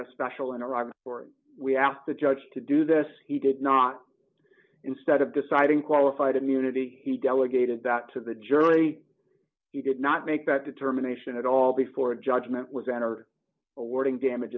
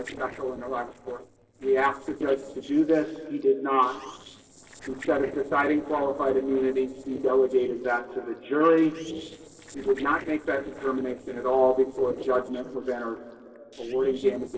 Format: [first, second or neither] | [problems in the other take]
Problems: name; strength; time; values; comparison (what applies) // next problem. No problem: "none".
first | noise reduction (neural separator model SepFormer DNS4)